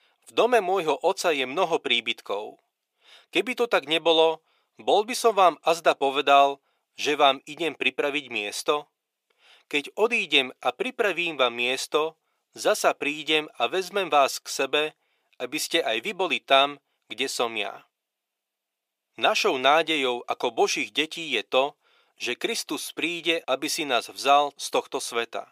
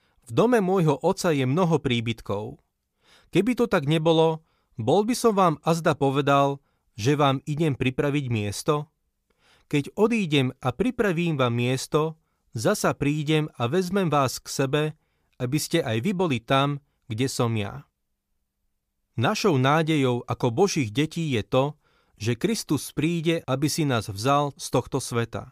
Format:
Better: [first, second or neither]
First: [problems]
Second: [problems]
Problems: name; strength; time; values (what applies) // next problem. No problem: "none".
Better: second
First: thin; very; fading below 400 Hz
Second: none